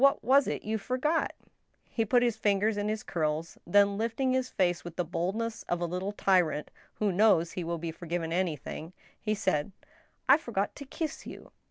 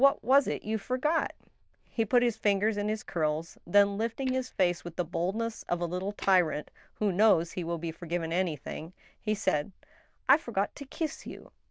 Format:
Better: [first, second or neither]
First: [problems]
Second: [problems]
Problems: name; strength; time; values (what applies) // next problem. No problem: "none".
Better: first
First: none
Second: noise reduction (neural diffusion model UNIVERSE++)